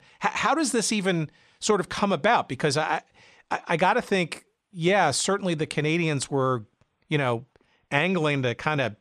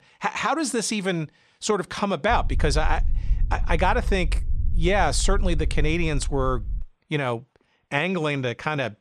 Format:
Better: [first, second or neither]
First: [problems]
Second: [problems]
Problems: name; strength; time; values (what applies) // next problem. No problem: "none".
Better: first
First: none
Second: low rumble; faint; from 2.5 to 7 s; 25 dB below the speech